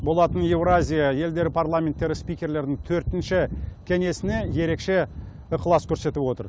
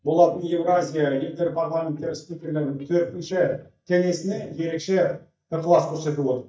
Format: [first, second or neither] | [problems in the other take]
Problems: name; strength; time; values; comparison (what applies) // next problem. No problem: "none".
first | noise reduction (neural mask model DeepFilterNet 3)